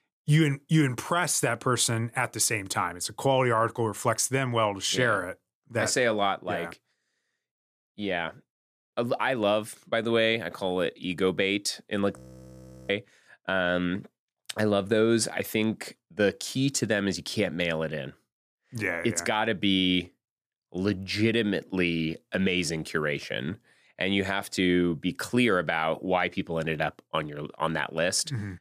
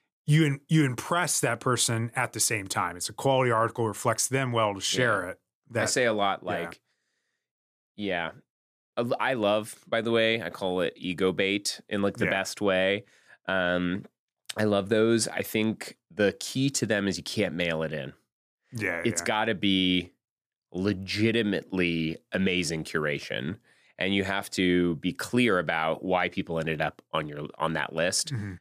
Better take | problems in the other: second | audio freezing; at 12 s for 0.5 s

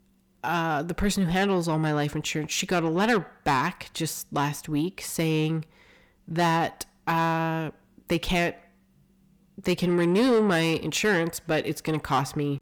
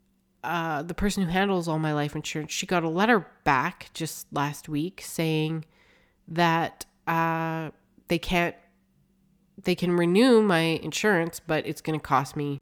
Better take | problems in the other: second | distortion; slight; 10 dB below the speech

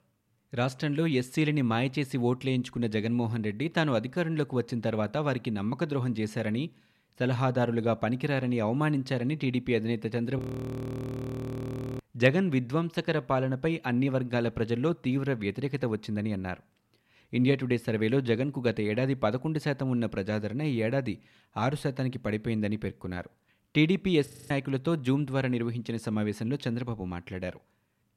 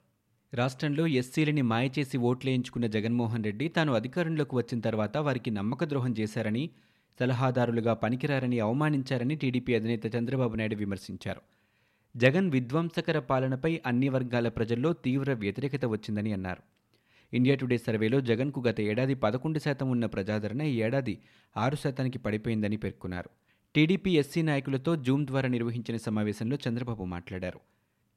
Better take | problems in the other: second | audio freezing; at 10 s for 1.5 s and at 24 s

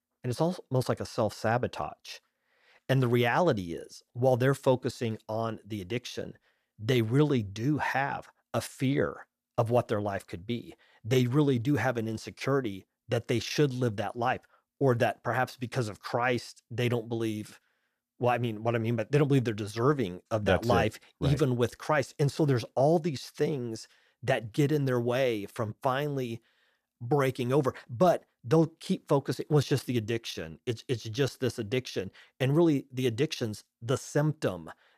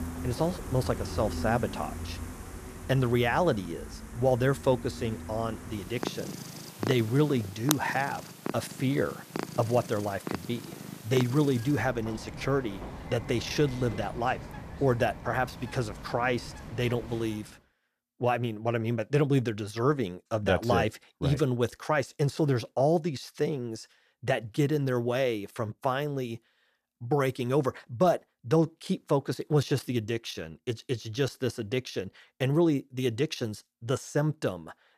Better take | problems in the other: first | animal sounds; noticeable; until 17 s; 10 dB below the speech

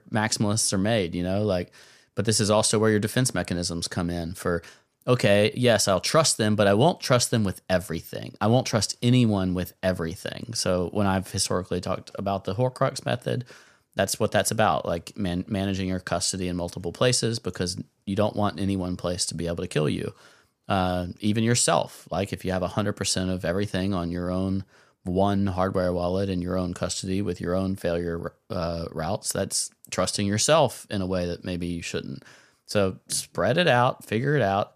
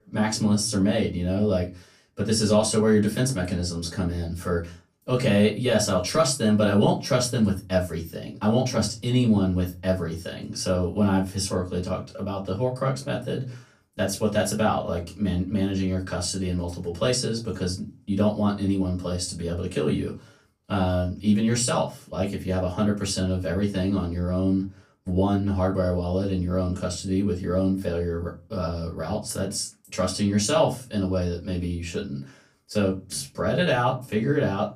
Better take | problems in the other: first | off-mic speech; far // room echo; very slight; dies away in 0.2 s

